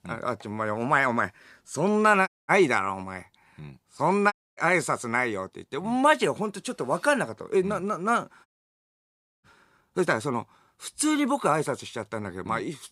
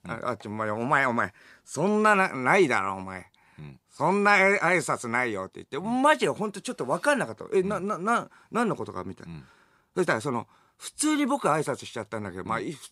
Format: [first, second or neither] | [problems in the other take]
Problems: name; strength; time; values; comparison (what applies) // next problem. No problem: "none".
second | audio cutting out; at 2.5 s, at 4.5 s and at 8.5 s for 1 s